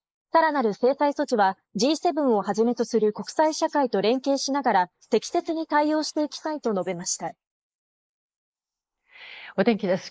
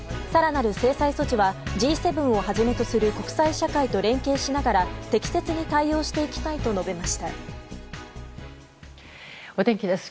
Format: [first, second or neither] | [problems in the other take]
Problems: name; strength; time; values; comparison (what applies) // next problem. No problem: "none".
second | noise reduction (neural mask model Resemble Enhance denoiser)